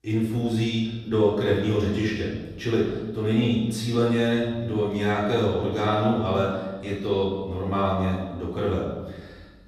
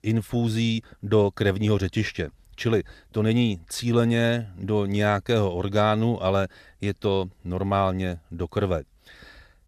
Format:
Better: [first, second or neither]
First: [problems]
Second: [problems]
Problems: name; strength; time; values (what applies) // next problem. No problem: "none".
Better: second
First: room echo; noticeable; dies away in 1.2 s // off-mic speech; far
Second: none